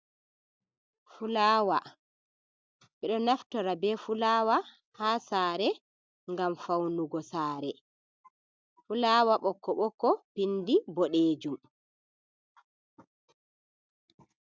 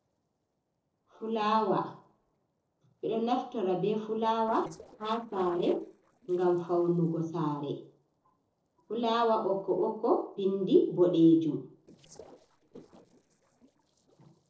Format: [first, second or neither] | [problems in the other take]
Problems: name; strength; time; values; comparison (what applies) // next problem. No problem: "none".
first | noise reduction (neural separator model SepFormer DNS4)